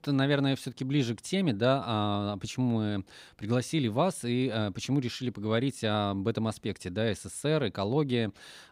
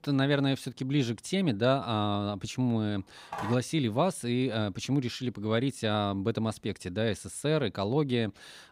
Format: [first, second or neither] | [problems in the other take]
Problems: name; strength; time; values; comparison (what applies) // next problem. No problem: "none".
first | phone ringing; noticeable; at 3.5 s; peak 9 dB below the speech